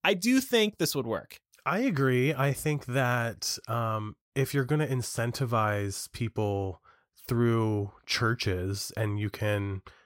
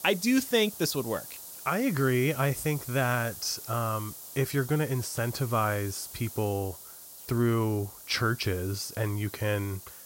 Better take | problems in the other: first | hiss; noticeable; throughout; 10 dB below the speech

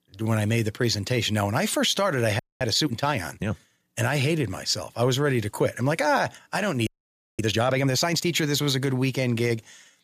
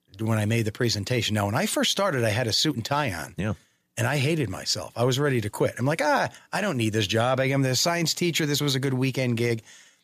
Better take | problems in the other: second | audio freezing; at 2.5 s and at 7 s for 0.5 s

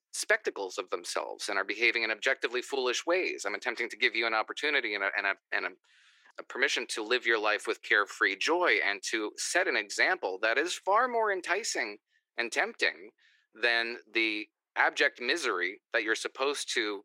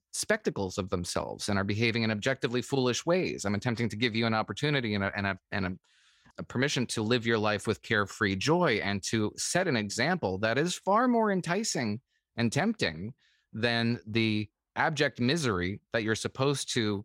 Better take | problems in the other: second | thin; very; fading below 350 Hz

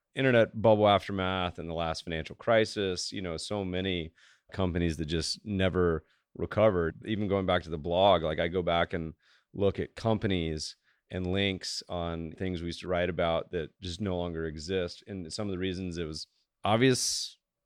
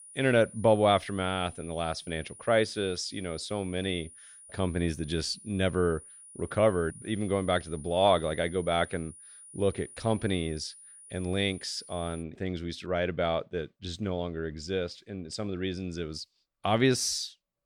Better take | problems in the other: first | high-pitched whine; noticeable; until 12 s; 9.5 kHz, 20 dB below the speech

